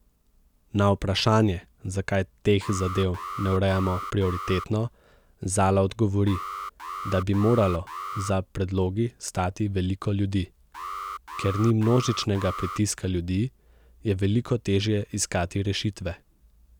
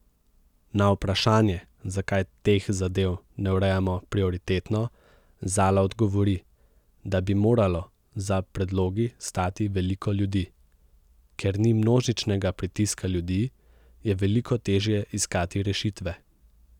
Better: second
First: background sound (Alarm); 12 dB below the speech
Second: none

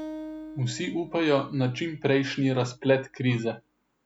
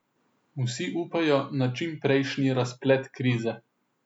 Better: second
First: background sound (Acoustic guitar); 17 dB below the speech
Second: none

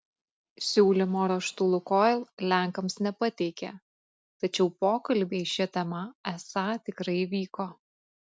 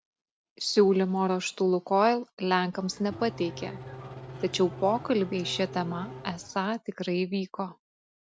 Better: first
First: none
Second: background sound (Race car, auto racing / Engine starting); 13 dB below the speech

